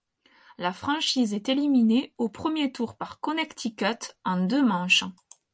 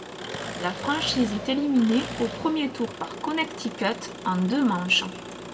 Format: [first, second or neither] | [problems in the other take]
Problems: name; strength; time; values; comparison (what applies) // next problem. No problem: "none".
first | background sound (Engine); 10 dB below the speech // room echo; dies away in 0.9 s